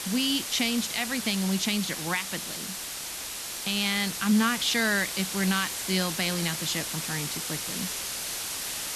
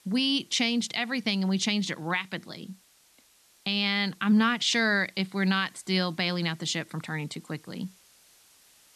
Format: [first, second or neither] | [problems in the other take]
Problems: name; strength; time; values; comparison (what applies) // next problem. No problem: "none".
second | hiss; loud; throughout; 4 dB below the speech; faint in the second